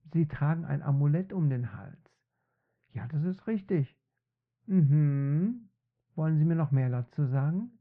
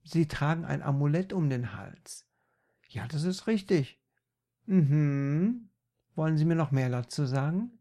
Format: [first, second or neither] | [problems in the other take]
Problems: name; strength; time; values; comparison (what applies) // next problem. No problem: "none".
second | muffled; very; fading above 2 kHz